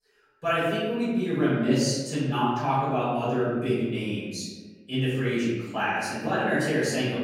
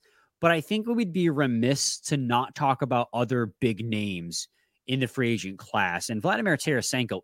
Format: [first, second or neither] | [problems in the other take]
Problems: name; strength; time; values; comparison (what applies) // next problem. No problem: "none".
second | off-mic speech; far // room echo; noticeable; dies away in 1.1 s